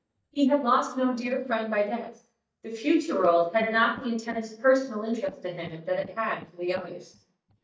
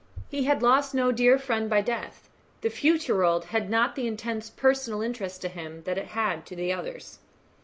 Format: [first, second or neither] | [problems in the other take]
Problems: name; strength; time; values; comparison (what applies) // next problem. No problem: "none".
second | noise reduction (neural mask model DeepFilterNet 3)